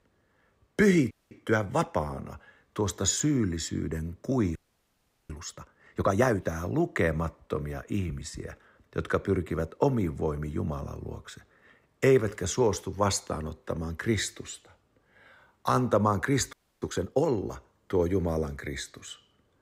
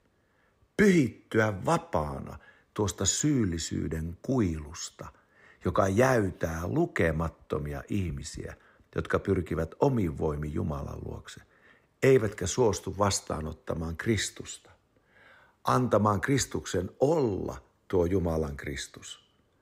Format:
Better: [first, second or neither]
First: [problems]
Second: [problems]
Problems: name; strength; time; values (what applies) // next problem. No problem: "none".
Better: second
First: audio freezing; at 1 s, at 4.5 s for 0.5 s and at 17 s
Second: none